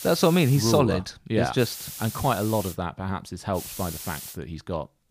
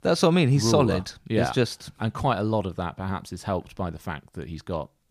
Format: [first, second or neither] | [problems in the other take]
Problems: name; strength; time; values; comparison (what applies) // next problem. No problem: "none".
second | hiss; noticeable; at the start, from 1.5 to 2.5 s and at 3.5 s; 10 dB below the speech